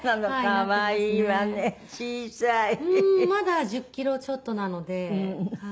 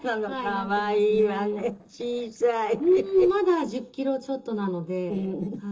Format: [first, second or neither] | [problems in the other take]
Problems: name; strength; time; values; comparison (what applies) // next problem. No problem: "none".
first | noise reduction (neural separator model SepFormer DNS4)